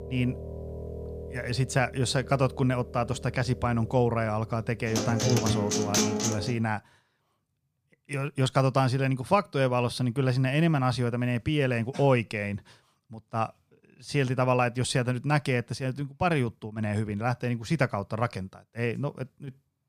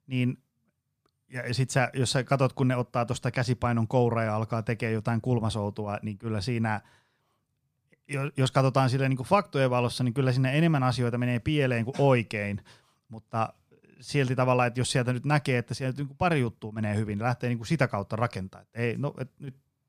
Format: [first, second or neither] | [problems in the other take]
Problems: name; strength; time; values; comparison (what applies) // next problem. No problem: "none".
second | background music; loud; until 6.5 s; 3 dB below the speech